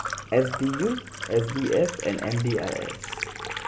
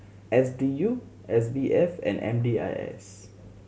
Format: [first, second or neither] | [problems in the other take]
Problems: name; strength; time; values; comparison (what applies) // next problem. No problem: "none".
second | background sound (Liquid); 8 dB below the speech